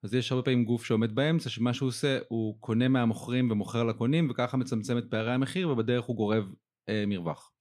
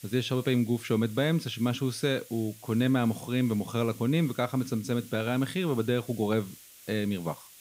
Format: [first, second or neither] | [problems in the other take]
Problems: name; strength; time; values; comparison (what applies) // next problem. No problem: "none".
first | hiss; noticeable; throughout; 20 dB below the speech